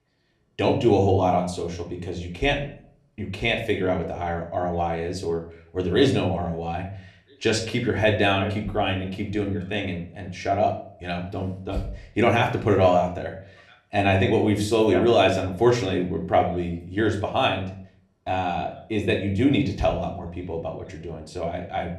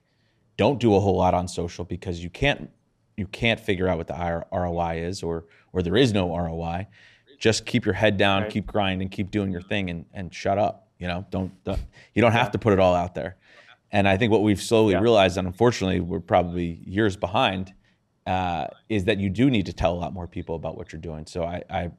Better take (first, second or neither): second